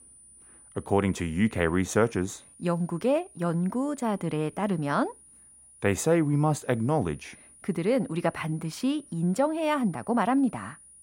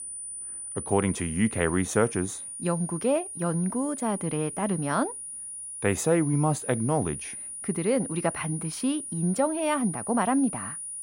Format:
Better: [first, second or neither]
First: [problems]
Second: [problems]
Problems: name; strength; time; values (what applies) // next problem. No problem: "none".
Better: first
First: high-pitched whine; faint; throughout; 9.5 kHz, 25 dB below the speech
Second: high-pitched whine; loud; throughout; 9.5 kHz, 7 dB below the speech